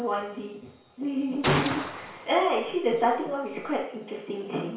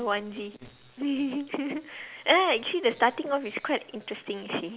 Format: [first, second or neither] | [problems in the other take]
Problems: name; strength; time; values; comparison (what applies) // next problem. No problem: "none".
second | background sound (Gunshot, gunfire); 4 dB below the speech // room echo; dies away in 0.6 s